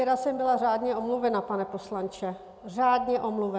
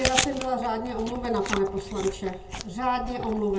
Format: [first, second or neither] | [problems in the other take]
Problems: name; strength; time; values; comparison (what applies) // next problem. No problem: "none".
first | background sound (Chewing, mastication); 5 dB below the speech // room echo; dies away in 0.2 s